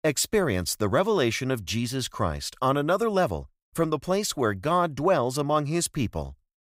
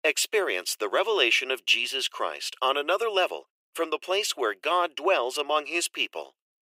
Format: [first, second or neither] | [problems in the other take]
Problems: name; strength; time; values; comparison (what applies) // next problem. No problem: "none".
first | thin; very; fading below 350 Hz